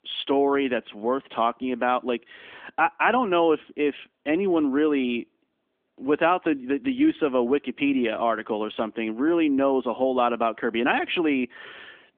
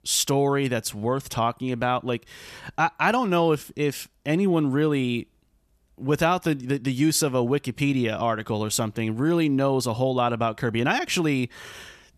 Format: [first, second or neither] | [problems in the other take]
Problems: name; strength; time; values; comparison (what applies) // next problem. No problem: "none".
second | phone-call audio; nothing above 3.5 kHz